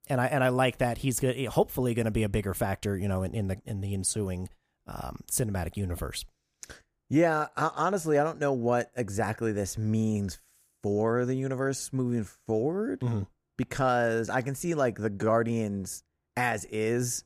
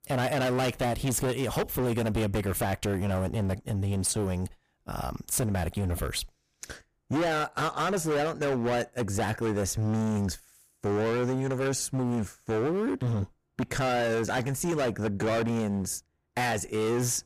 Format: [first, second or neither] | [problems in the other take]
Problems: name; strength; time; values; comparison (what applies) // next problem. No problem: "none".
first | distortion; heavy; 24% of the sound clipped